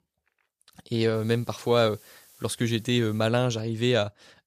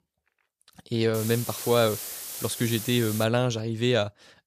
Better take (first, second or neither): first